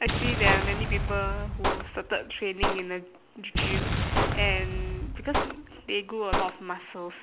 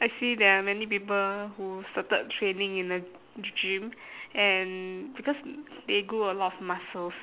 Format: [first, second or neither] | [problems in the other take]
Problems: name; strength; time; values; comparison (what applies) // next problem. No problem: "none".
second | background sound (Gunshot, gunfire + Explosion); 3 dB above the speech